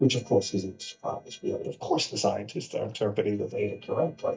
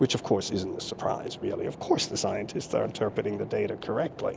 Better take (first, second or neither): second